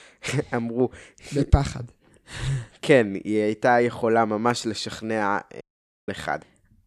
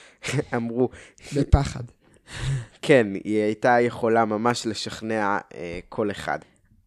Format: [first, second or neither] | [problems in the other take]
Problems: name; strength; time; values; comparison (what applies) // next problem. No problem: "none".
second | audio cutting out; at 5.5 s